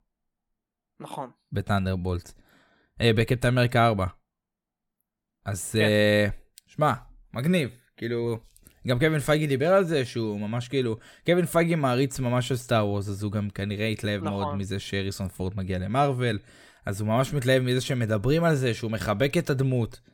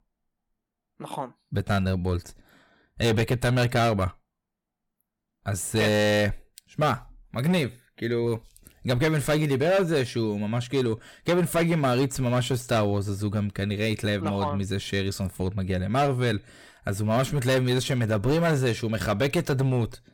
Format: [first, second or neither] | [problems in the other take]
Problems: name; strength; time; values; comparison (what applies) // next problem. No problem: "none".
first | distortion; slight; 7% of the sound clipped